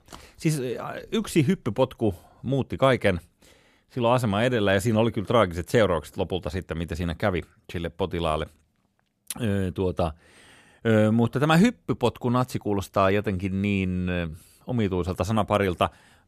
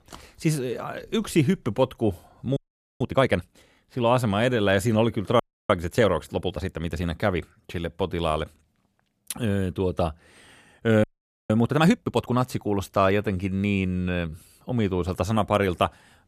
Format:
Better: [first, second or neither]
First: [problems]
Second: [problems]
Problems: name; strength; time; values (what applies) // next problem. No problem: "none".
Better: first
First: none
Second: audio freezing; at 2.5 s, at 5.5 s and at 11 s